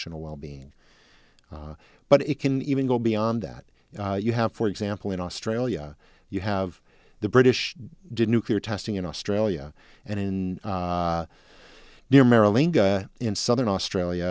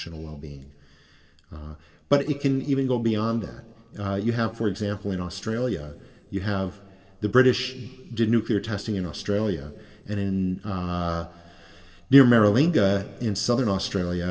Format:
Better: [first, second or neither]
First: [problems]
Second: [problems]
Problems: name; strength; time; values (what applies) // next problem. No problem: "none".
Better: first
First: none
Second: room echo; dies away in 1.6 s